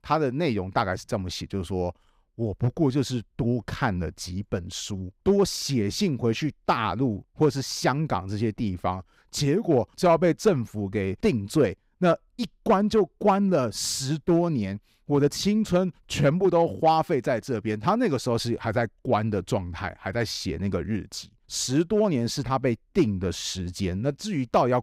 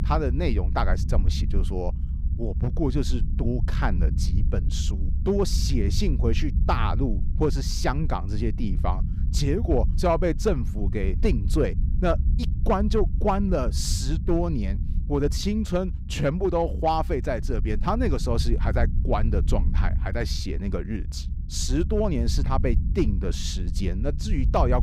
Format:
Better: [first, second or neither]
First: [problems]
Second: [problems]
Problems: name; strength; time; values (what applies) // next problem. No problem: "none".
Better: first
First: none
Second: low rumble; noticeable; throughout; 15 dB below the speech